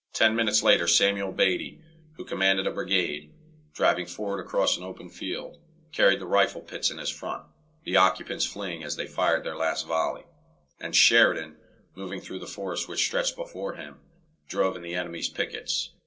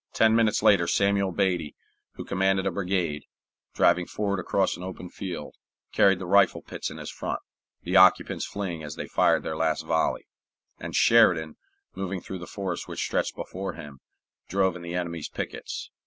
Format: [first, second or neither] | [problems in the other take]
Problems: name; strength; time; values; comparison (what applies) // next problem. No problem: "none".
second | room echo; dies away in 0.2 s